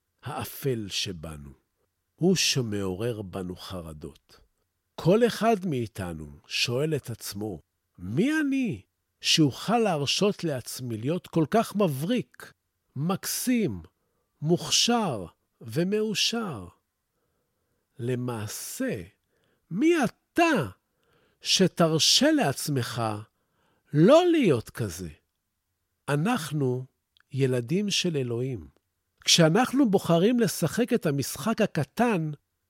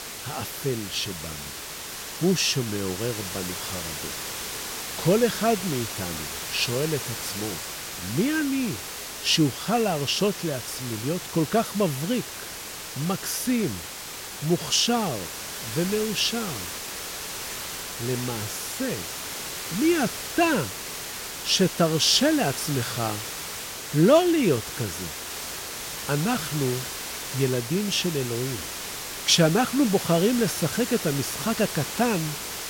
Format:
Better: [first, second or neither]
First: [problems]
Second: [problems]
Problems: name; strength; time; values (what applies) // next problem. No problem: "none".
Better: first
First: none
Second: hiss; loud; throughout; 7 dB below the speech